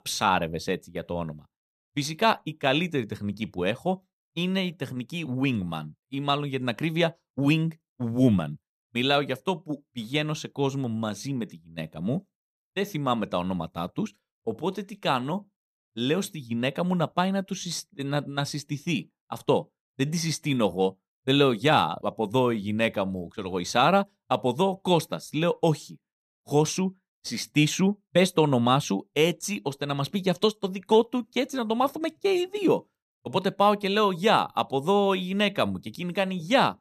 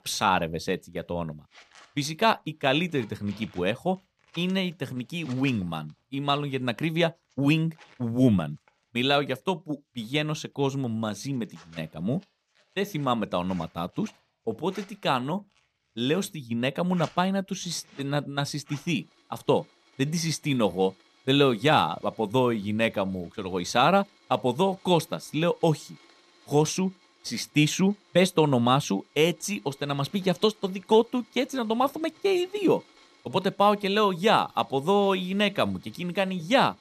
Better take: first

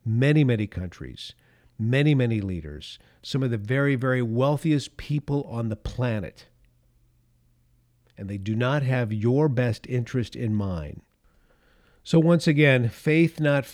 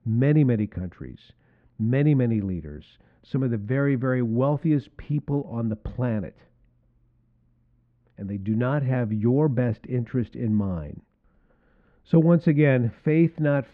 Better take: first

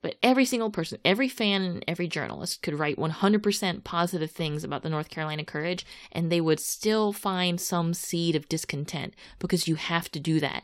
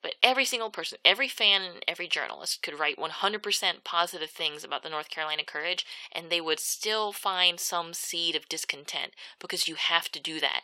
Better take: first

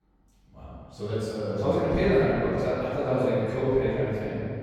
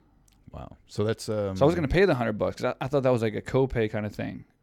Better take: second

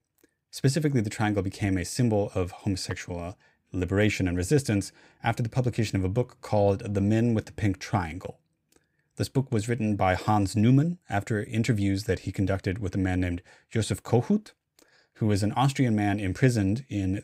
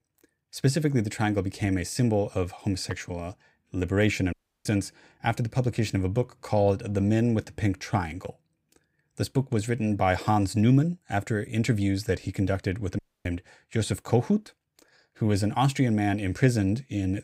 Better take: first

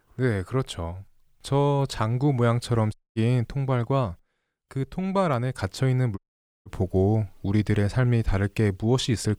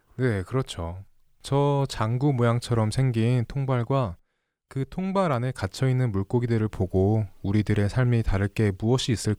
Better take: second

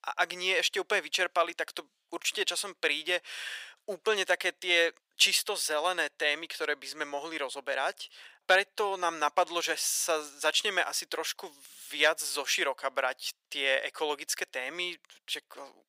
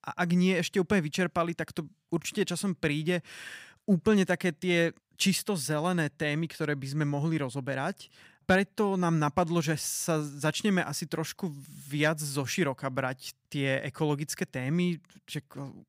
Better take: second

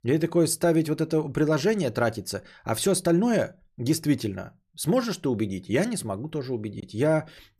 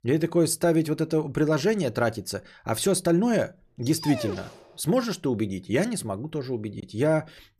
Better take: first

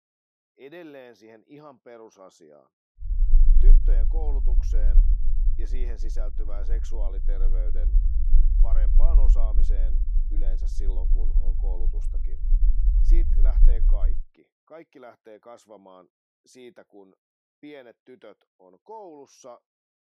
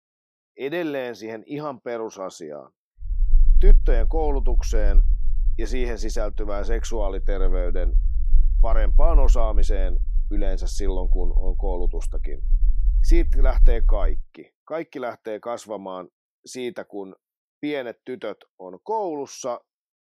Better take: second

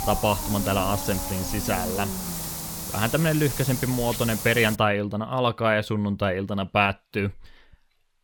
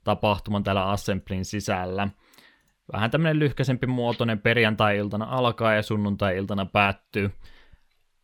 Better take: second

